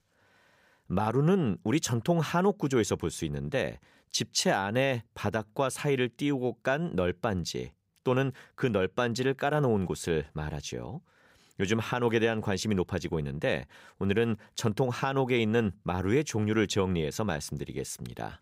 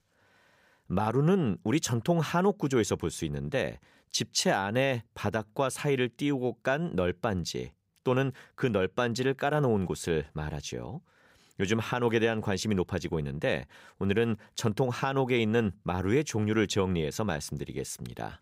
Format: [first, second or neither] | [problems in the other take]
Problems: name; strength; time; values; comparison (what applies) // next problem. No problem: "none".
neither | none